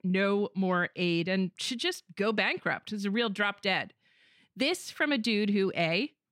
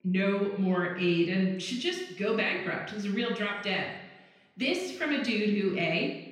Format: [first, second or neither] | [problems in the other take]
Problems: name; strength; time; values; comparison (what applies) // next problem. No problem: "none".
first | room echo; noticeable; dies away in 0.9 s // off-mic speech; far